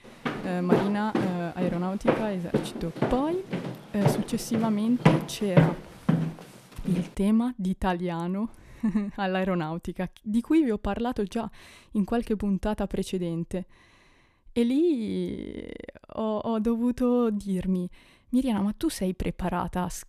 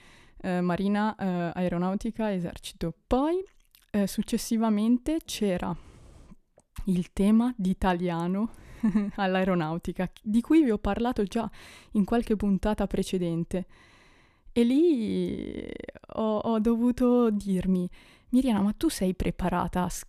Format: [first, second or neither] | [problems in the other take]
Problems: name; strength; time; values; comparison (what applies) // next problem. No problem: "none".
second | footsteps; loud; until 7 s; peak 6 dB above the speech